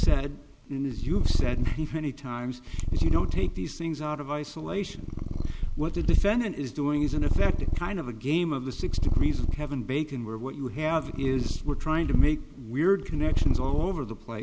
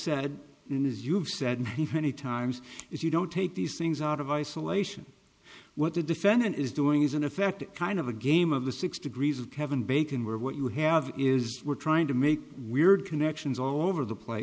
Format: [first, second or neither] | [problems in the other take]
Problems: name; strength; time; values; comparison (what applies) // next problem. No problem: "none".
second | background sound (Purr); 3 dB above the speech